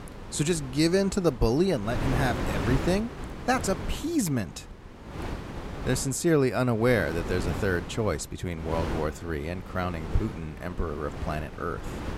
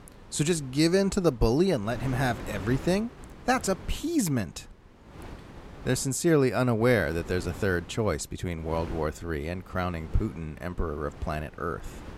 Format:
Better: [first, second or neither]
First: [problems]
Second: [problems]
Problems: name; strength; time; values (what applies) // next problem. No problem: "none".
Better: second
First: wind noise on the microphone; heavy; 9 dB below the speech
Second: wind noise on the microphone; occasional gusts; 20 dB below the speech